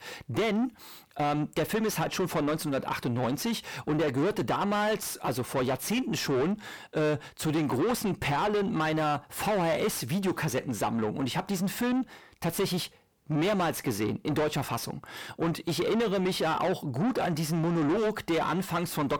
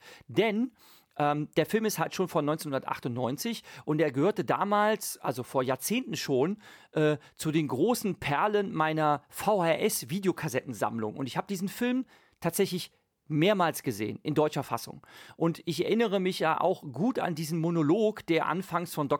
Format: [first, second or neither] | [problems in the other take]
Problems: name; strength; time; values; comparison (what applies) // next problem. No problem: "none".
second | distortion; heavy; 6 dB below the speech